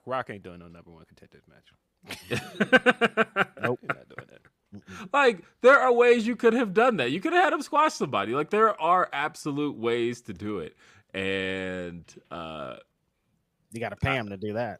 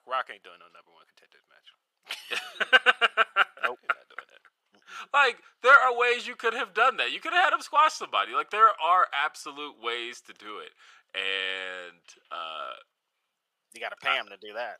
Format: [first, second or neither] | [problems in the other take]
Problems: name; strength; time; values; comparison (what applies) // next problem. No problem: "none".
first | thin; very; fading below 800 Hz